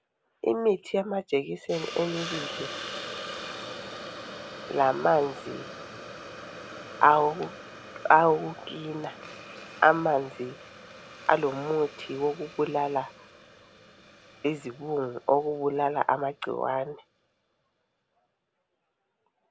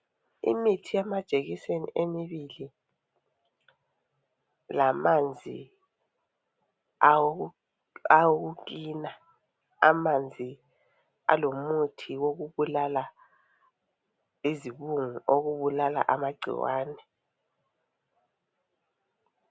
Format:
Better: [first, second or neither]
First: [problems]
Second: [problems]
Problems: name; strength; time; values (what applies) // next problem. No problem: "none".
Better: second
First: background sound (Hiss); 14 dB below the speech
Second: none